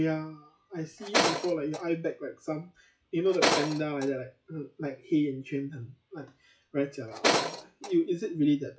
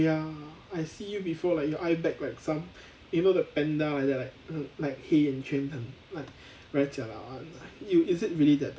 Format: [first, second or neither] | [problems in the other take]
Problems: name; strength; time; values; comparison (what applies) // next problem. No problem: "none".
second | noise reduction (classical method log-MMSE)